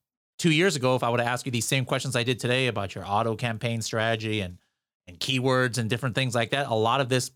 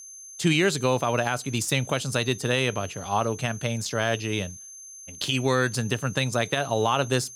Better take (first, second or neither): first